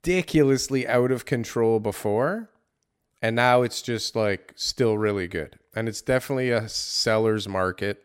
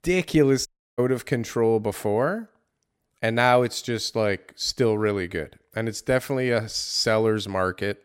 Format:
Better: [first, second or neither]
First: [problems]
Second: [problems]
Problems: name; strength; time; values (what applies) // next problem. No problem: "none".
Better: first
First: none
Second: audio cutting out; at 0.5 s